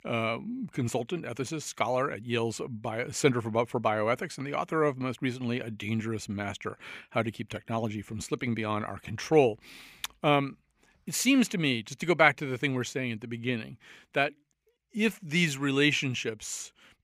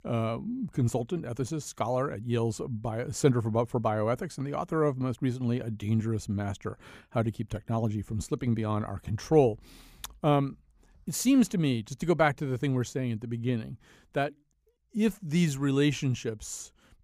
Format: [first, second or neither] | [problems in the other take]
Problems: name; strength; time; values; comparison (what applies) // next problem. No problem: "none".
second | thin; very slightly; fading below 450 Hz